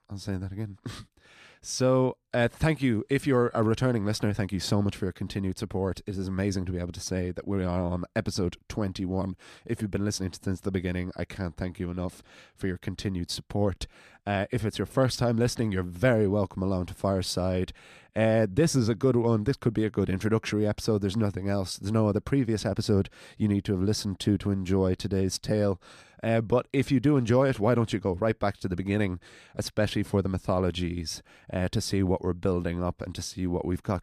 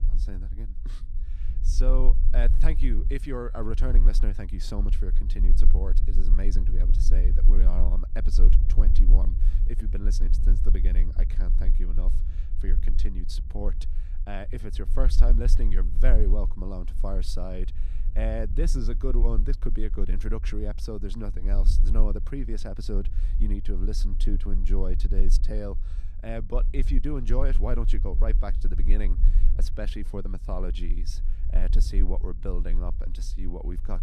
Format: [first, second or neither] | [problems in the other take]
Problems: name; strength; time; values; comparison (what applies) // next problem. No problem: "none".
first | low rumble; noticeable; throughout; 10 dB below the speech